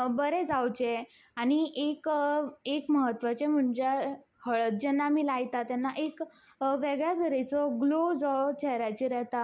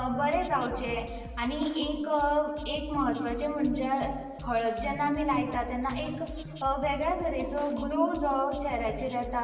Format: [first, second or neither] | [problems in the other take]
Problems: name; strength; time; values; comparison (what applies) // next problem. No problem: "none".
first | background sound (Drum kit); 12 dB below the speech // room echo; dies away in 1.3 s